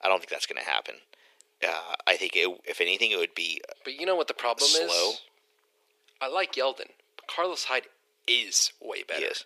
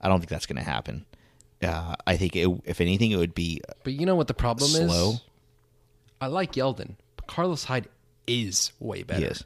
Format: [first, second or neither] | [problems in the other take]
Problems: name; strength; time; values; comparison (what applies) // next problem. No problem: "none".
second | thin; very; fading below 400 Hz